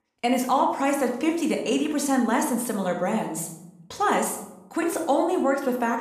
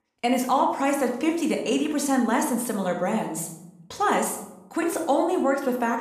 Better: neither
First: room echo; slight; dies away in 0.7 s // off-mic speech; somewhat distant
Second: room echo; slight; dies away in 0.7 s // off-mic speech; somewhat distant

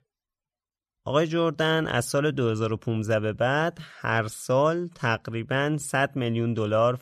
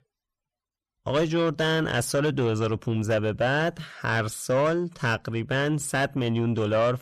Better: first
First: none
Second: distortion; slight; 10 dB below the speech

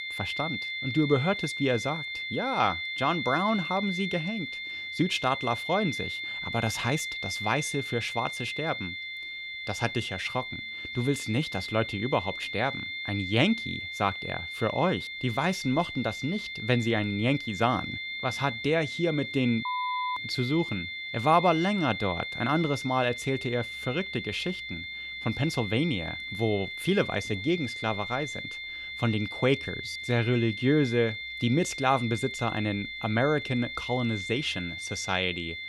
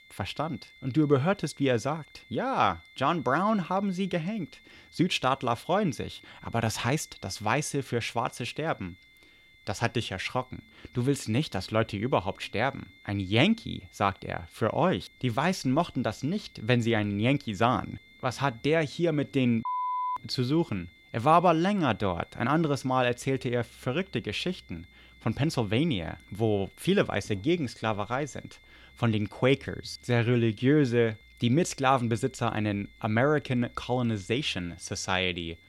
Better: second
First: high-pitched whine; loud; throughout; 2 kHz, 5 dB below the speech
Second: high-pitched whine; faint; throughout; 2 kHz, 25 dB below the speech

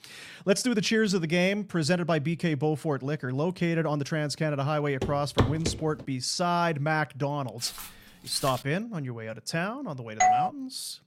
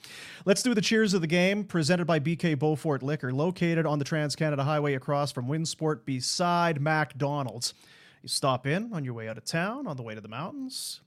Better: second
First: footsteps; loud; at 5 s; peak 1 dB above the speech // footsteps; noticeable; from 7.5 to 8.5 s; peak 10 dB below the speech // doorbell; loud; at 10 s; peak 5 dB above the speech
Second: none

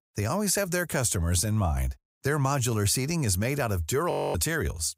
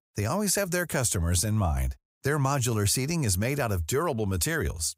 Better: second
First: audio freezing; at 4 s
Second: none

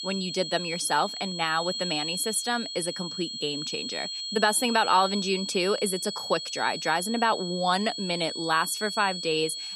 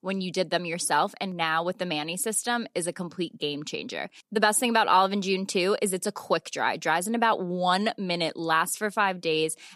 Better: second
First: high-pitched whine; loud; throughout; 4.5 kHz, 5 dB below the speech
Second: none

